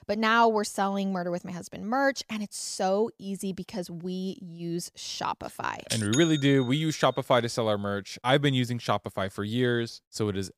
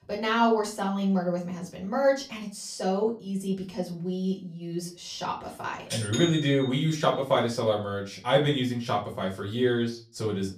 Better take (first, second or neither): first